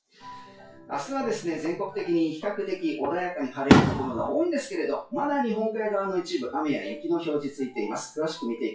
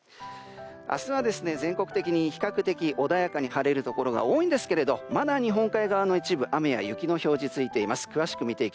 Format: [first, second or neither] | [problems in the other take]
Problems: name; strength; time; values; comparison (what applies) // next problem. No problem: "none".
second | noise reduction (classical method WPE with log-MMSE)